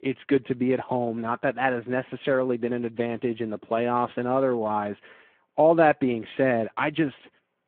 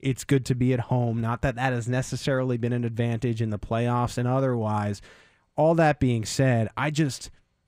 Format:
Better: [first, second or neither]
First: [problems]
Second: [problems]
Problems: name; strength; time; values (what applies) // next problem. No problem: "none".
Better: second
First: phone-call audio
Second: none